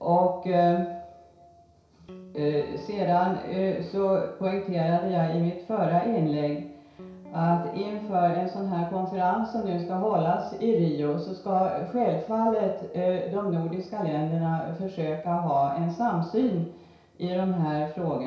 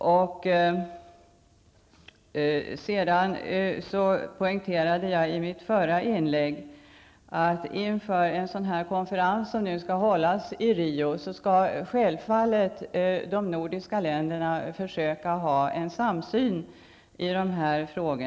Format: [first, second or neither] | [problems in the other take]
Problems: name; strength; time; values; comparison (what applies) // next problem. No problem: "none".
second | background sound (Guitar); 19 dB below the speech // room echo; dies away in 0.6 s